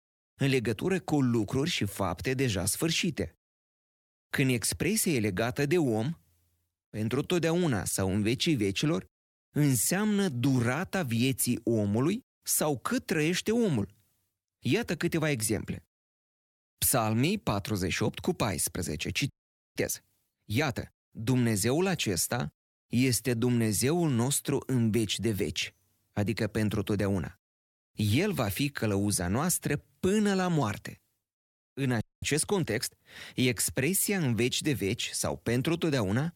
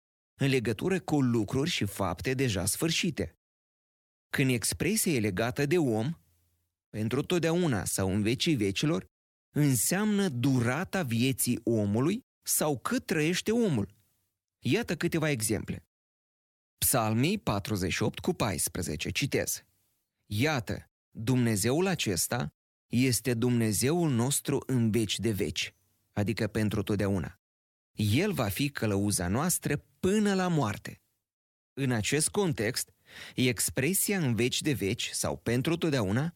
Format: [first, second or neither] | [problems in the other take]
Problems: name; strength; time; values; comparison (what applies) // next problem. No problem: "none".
second | audio freezing; at 19 s and at 32 s